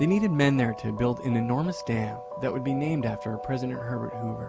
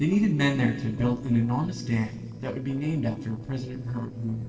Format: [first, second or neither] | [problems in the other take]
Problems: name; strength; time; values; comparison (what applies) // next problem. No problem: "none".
first | noise reduction (neural separator model SepFormer DNS4)